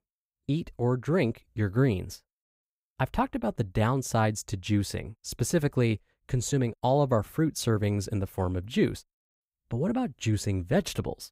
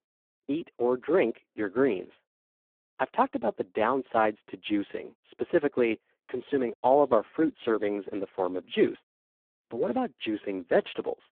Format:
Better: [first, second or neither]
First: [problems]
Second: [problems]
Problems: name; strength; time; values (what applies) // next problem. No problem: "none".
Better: first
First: none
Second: phone-call audio; poor line